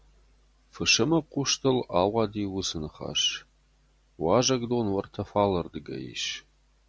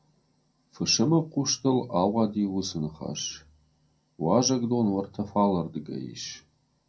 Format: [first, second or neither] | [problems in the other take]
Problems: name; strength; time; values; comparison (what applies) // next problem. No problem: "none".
first | room echo; dies away in 0.2 s